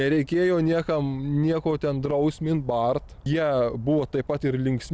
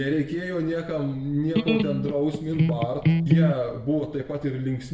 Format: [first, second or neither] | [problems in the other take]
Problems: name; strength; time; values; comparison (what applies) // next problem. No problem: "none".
first | background sound (Electric guitar); 4 dB above the speech // room echo; dies away in 0.7 s